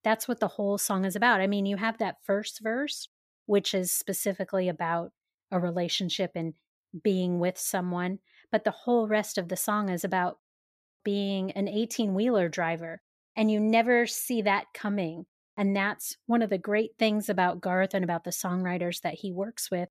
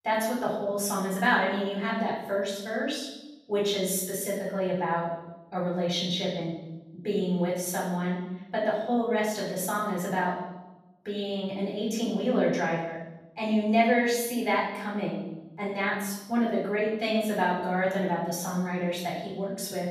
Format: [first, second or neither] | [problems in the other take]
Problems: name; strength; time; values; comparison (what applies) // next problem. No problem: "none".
first | off-mic speech; far // room echo; noticeable; dies away in 0.9 s